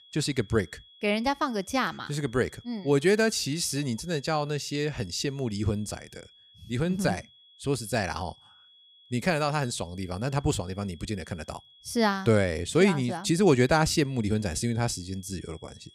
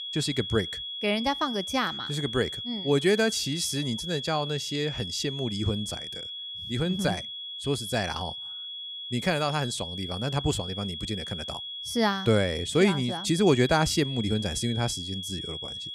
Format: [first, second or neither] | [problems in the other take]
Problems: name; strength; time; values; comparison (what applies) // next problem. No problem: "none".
first | high-pitched whine; loud; throughout; 3.5 kHz, 6 dB below the speech; faint in the first